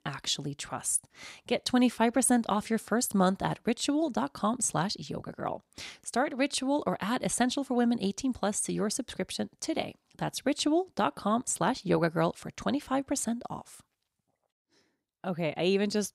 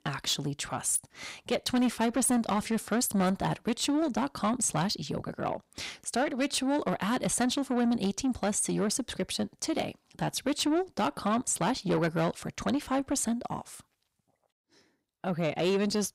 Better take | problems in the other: first | distortion; slight; 10 dB below the speech

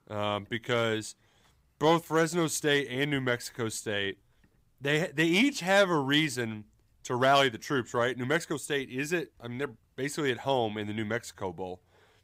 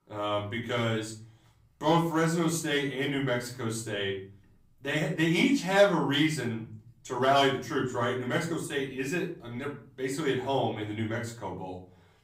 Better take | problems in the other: first | off-mic speech; far // room echo; slight; dies away in 0.4 s

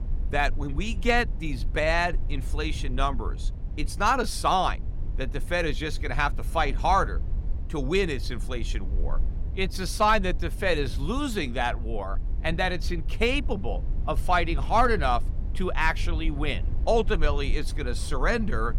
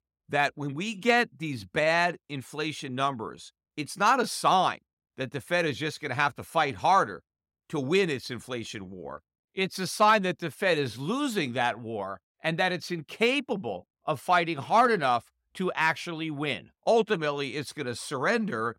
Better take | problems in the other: second | low rumble; faint; throughout; 25 dB below the speech

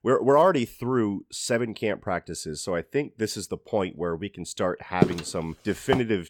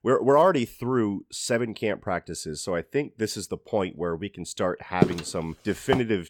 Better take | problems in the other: neither | footsteps; loud; at 5 s; peak 1 dB above the speech; the same in both

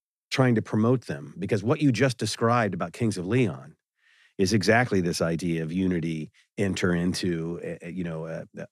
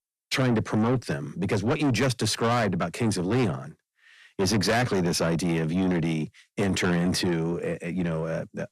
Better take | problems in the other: first | distortion; heavy; 7 dB below the speech

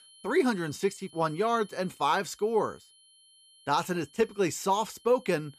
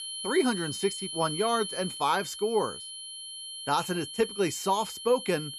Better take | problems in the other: first | high-pitched whine; loud; throughout; 3 kHz, 7 dB below the speech; faint in the first

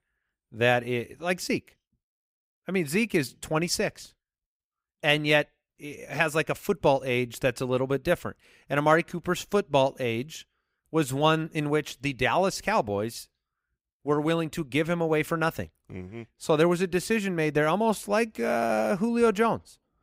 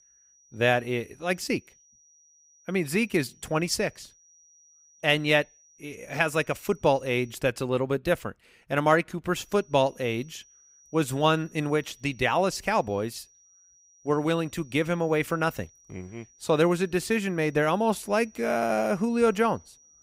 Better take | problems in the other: first | high-pitched whine; faint; until 7.5 s and from 9.5 s on; 6 kHz, 30 dB below the speech

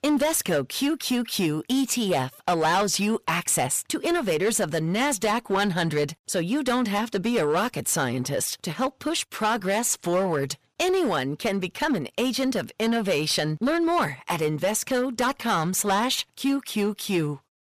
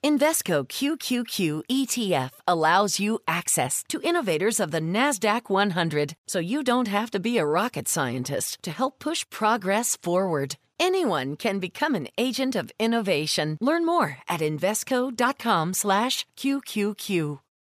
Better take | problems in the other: second | distortion; slight; 9% of the sound clipped

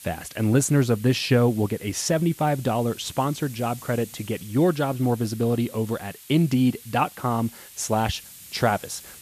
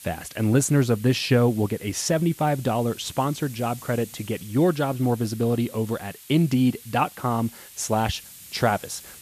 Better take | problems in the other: neither | hiss; noticeable; throughout; 20 dB below the speech; the same in both

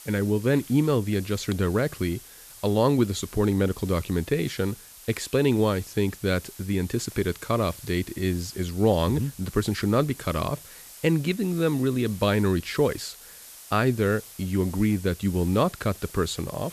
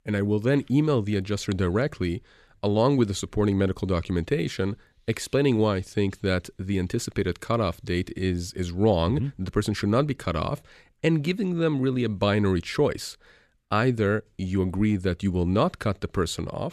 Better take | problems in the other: second | hiss; noticeable; throughout; 20 dB below the speech

